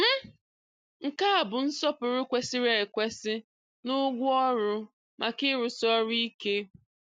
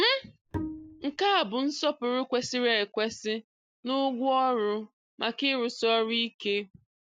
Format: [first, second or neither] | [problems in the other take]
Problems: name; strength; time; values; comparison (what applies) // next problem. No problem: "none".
first | background sound (Bowed string instrument); 10 dB below the speech